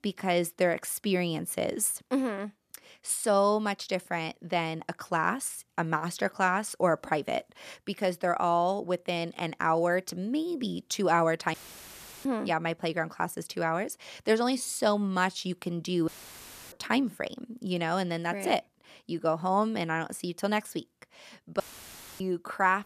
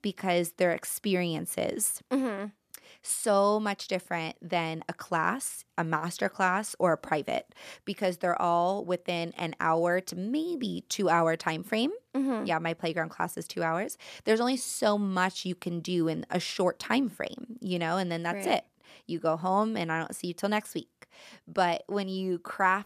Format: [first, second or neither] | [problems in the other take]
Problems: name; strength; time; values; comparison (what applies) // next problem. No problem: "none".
second | audio cutting out; filled with static; at 12 s for 0.5 s, at 16 s for 0.5 s and at 22 s for 0.5 s